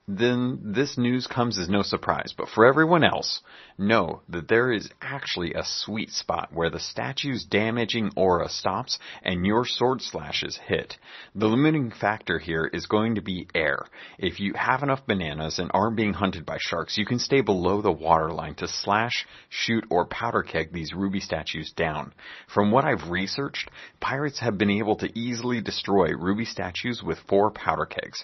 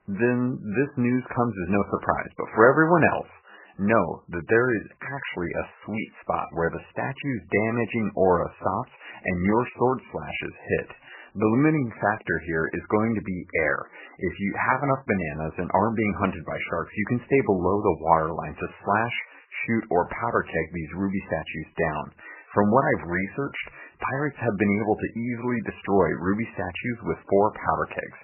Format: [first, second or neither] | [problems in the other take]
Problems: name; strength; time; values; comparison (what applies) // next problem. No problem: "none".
first | garbled, watery; badly; nothing above 3 kHz; slightly in the first